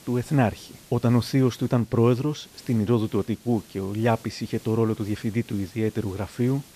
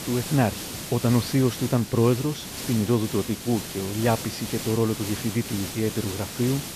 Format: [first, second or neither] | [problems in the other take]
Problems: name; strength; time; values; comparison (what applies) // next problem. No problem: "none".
first | hiss; loud; throughout; 8 dB below the speech; faint in the first